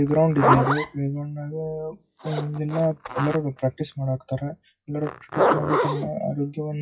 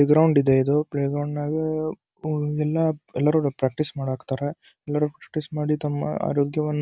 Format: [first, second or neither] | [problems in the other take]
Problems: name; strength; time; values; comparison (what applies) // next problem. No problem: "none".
second | noise reduction (classical method WPE with log-MMSE)